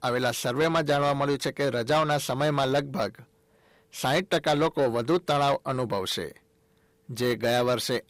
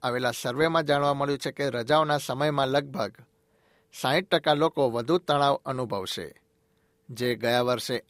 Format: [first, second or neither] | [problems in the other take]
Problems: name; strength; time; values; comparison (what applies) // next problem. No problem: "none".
second | distortion; slight; 10 dB below the speech